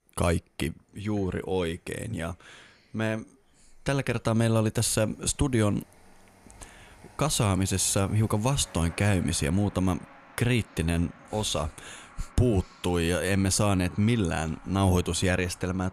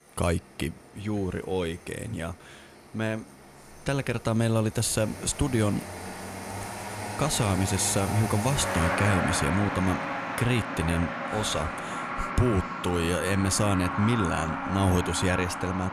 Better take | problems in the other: first | traffic noise; loud; throughout; 4 dB below the speech; faint in the first

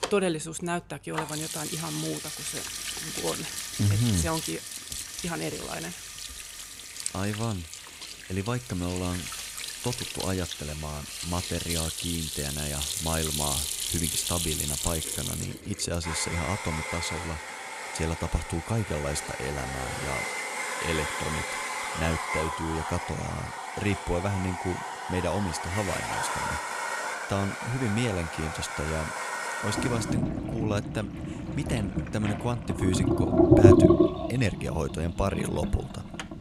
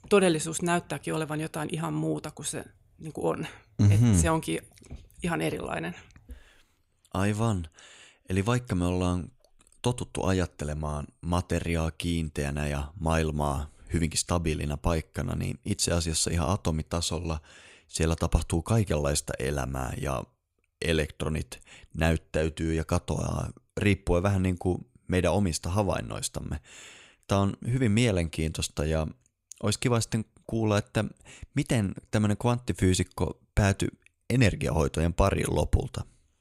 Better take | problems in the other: second | household noises; very loud; throughout; 2 dB above the speech

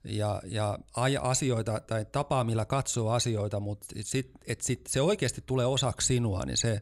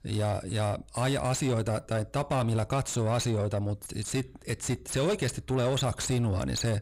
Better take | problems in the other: first | distortion; slight; 10 dB below the speech

